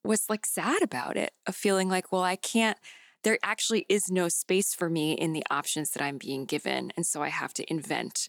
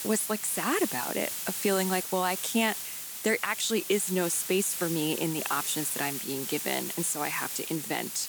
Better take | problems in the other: first | hiss; loud; throughout; 4 dB below the speech

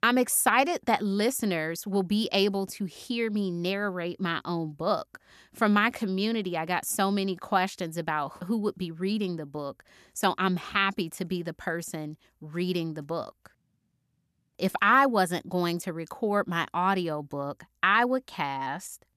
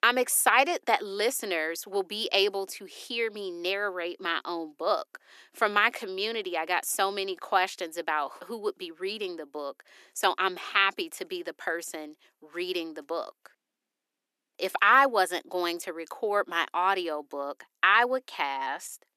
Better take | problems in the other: first | thin; very; fading below 300 Hz

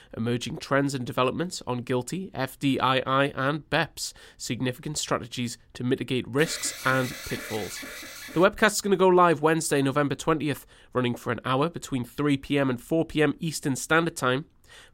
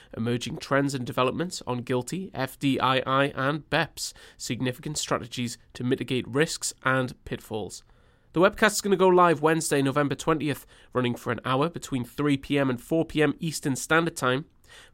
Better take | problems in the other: second | alarm; noticeable; from 6.5 to 8.5 s; peak 9 dB below the speech

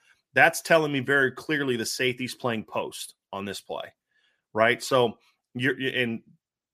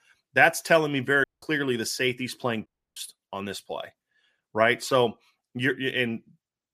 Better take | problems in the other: first | audio cutting out; at 1 s and at 2.5 s

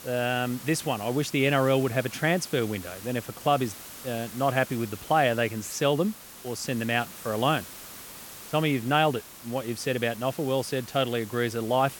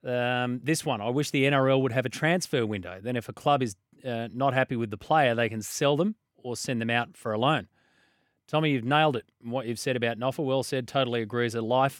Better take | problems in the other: second | hiss; noticeable; throughout; 15 dB below the speech

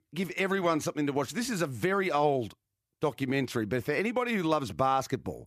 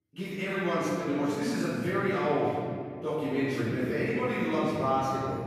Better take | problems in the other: first | room echo; strong; dies away in 2.3 s // off-mic speech; far

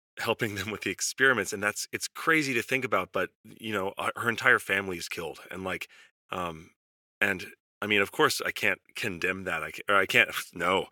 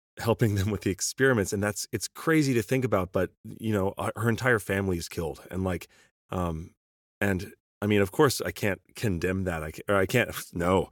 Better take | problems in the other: second | thin; somewhat; fading below 400 Hz

